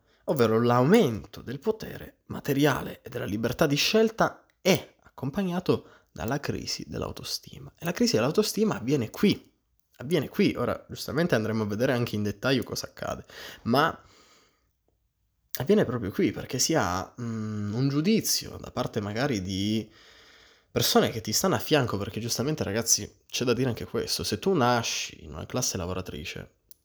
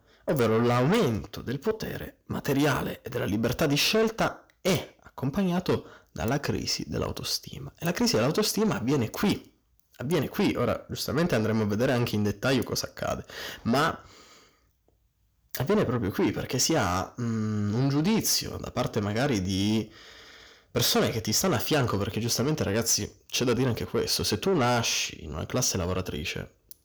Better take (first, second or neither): first